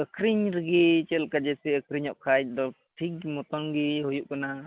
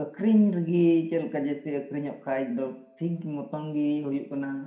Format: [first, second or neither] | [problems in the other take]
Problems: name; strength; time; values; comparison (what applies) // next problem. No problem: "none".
first | room echo; dies away in 0.5 s